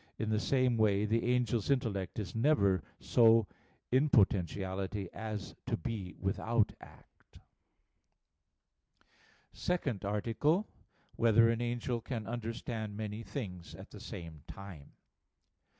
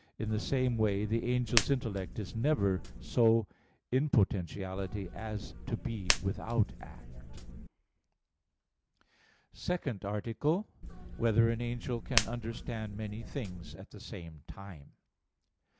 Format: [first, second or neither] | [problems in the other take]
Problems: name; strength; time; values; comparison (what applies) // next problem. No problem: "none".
first | background sound (Hands); 5 dB below the speech